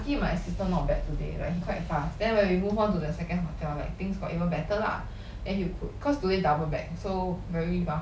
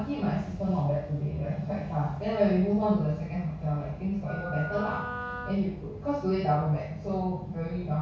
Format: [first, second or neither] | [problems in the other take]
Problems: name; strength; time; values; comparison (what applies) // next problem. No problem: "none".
first | background sound (Wind instrument, woodwind instrument); 9 dB below the speech // room echo; dies away in 0.6 s